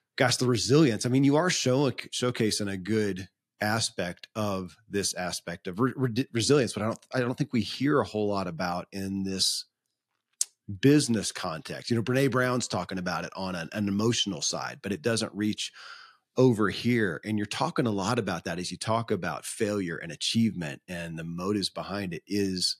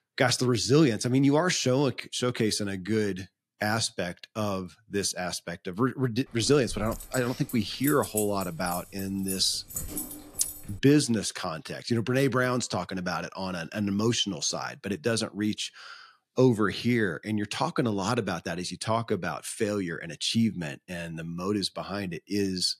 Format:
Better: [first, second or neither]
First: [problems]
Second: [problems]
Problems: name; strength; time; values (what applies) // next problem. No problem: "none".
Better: first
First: none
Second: jangling keys; noticeable; from 6.5 to 11 s; peak 4 dB below the speech